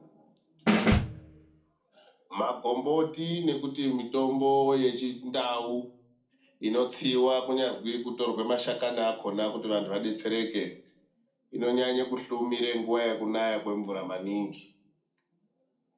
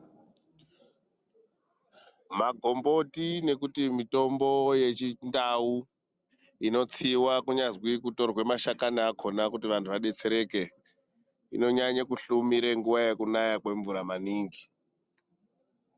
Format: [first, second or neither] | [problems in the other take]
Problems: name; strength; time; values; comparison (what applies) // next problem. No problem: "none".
second | background sound (Snare drum); 3 dB above the speech // room echo; dies away in 0.4 s